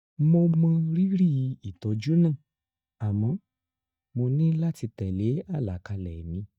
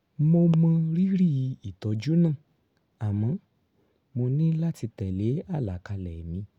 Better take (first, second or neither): second